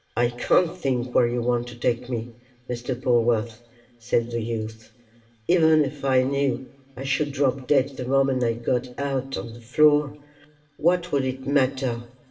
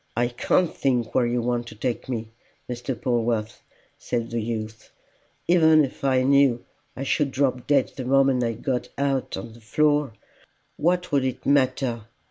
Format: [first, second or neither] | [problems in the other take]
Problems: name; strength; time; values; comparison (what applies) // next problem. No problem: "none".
second | room echo; dies away in 0.8 s